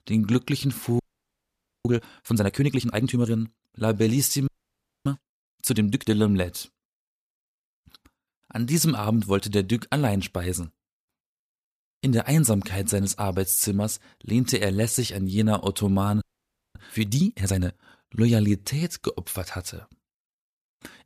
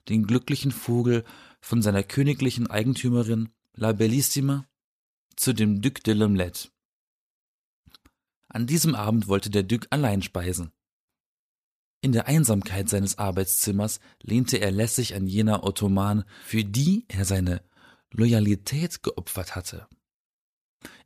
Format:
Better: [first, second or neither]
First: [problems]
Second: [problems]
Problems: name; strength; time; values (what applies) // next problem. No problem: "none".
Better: second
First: audio freezing; at 1 s for 1 s, at 4.5 s for 0.5 s and at 16 s for 0.5 s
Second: none